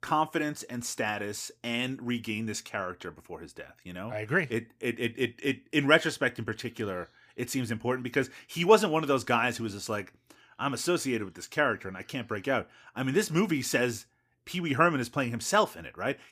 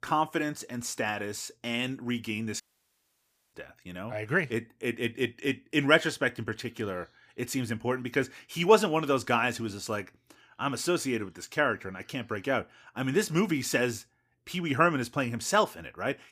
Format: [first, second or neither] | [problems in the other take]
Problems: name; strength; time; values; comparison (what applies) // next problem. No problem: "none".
first | audio cutting out; at 2.5 s for 1 s